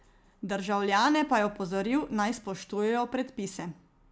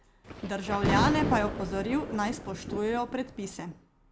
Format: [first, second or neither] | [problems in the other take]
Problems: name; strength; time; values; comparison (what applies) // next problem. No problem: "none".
first | background sound (Thunder); 2 dB below the speech